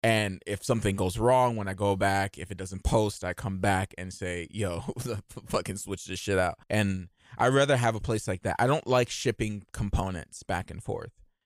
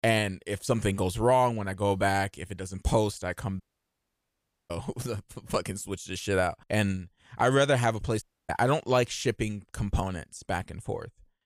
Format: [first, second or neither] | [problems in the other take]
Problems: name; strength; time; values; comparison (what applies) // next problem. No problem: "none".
first | audio cutting out; at 3.5 s for 1 s and at 8 s